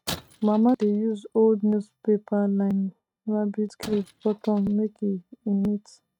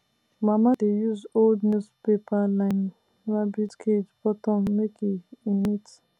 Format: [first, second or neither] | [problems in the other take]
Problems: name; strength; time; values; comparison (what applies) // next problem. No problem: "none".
second | noise reduction (neural mask model RNNoise)